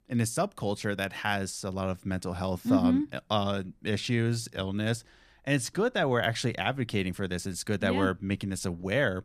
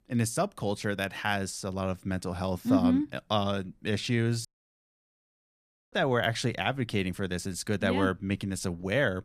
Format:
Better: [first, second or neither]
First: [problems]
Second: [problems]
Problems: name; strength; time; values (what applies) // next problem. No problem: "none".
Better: first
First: none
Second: audio cutting out; at 4.5 s for 1.5 s